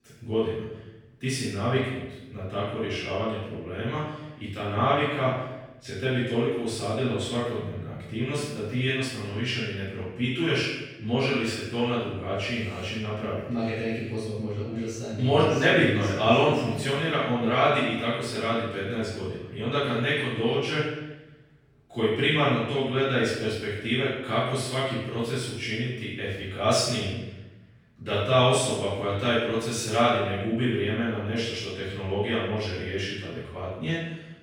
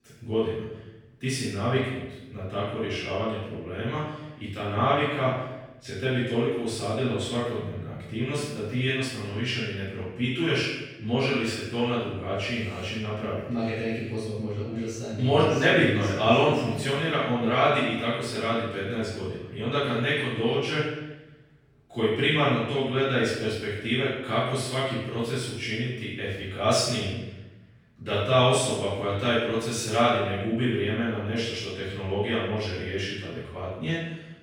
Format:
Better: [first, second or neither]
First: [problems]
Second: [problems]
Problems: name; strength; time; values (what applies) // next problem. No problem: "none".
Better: neither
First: off-mic speech; far // room echo; strong; dies away in 0.9 s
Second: off-mic speech; far // room echo; strong; dies away in 0.9 s